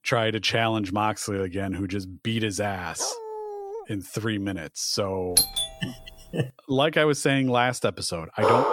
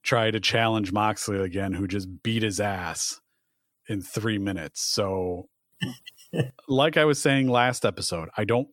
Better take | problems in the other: second | dog barking; noticeable; at 3 s; peak 9 dB below the speech // doorbell; loud; at 5.5 s; peak 6 dB above the speech // dog barking; very faint; at 8.5 s; peak 5 dB above the speech

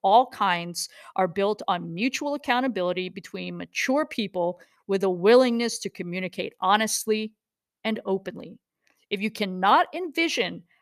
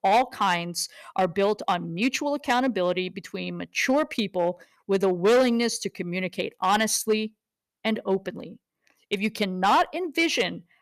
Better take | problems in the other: first | distortion; slight; 4% of the sound clipped

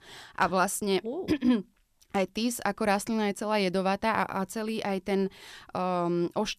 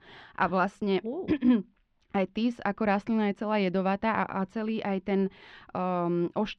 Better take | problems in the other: first | muffled; slightly; fading above 3 kHz

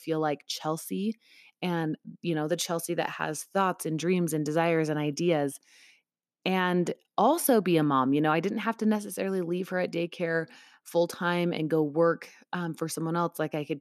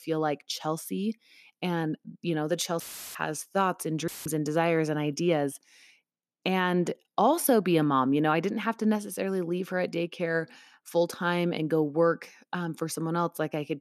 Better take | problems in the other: first | audio cutting out; filled with static; at 3 s and at 4 s

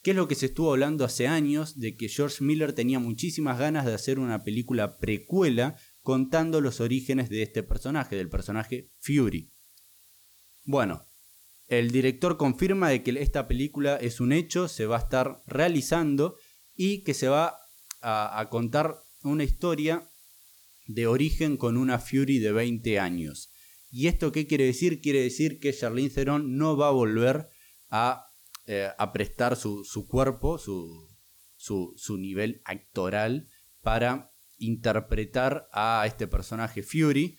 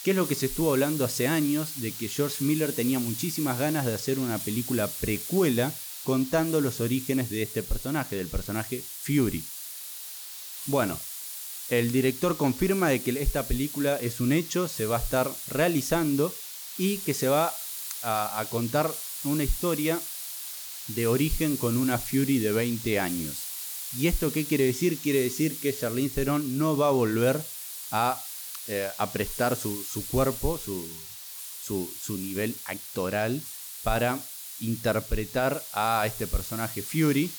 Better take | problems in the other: first | hiss; loud; throughout; 7 dB below the speech; faint in the first

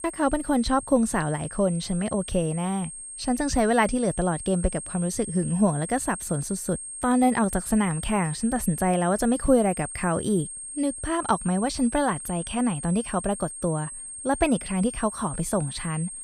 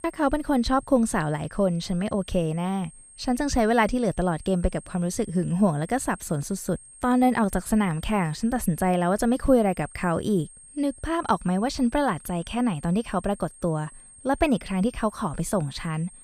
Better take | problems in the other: second | high-pitched whine; loud; throughout; 8.5 kHz, 9 dB below the speech; faint in the second

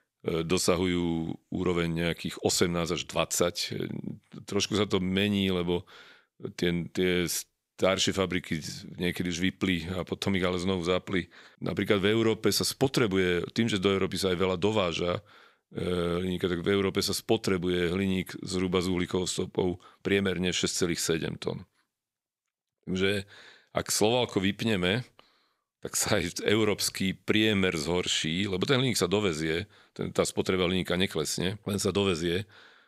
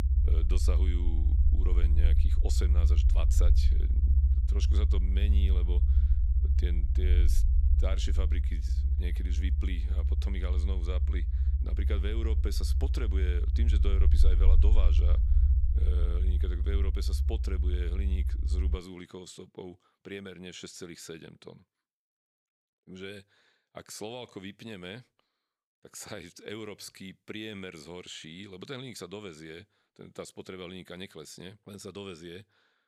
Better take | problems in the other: first | low rumble; loud; until 19 s; 4 dB below the speech

